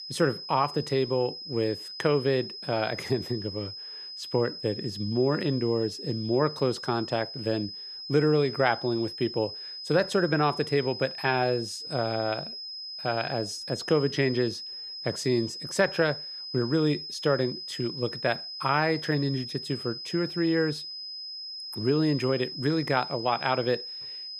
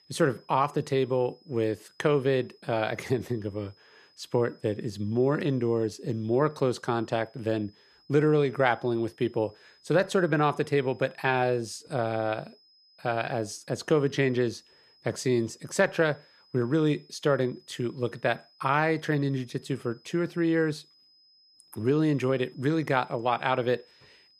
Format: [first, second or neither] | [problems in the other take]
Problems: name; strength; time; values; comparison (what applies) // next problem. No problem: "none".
second | high-pitched whine; loud; throughout; 5 kHz, 8 dB below the speech; faint in the second